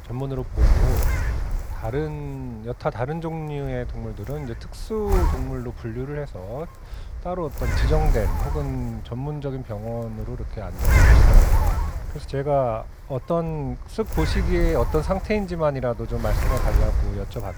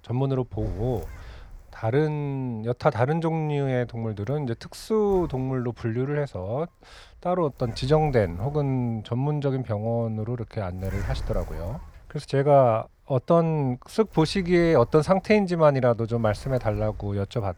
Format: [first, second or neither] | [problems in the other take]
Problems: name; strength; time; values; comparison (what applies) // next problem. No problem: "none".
second | wind noise on the microphone; heavy; 2 dB below the speech; occasional gusts in the second